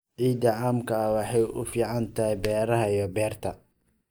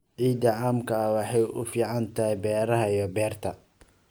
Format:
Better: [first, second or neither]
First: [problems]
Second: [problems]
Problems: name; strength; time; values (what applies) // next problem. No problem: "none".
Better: second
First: noise reduction (neural mask model DeepFilterNet 3)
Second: none